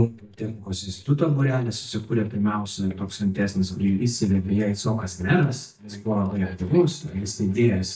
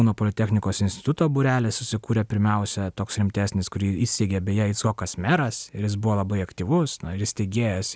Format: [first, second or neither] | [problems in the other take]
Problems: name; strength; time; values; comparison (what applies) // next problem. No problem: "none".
second | noise reduction (neural mask model DeepFilterNet 3)